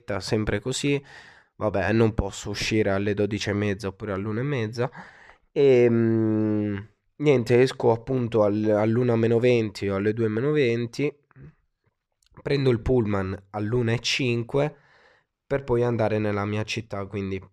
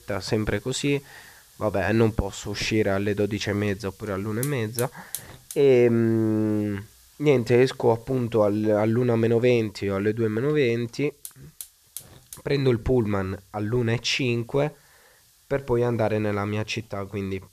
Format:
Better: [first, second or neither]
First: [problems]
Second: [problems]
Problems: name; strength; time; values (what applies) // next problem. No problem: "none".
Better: first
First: none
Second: hiss; noticeable; throughout; 20 dB below the speech